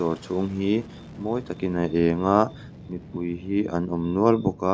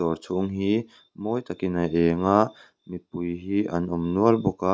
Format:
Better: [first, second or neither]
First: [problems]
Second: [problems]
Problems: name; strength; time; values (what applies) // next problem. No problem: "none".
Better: second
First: background sound (Fixed-wing aircraft, airplane); 18 dB below the speech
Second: none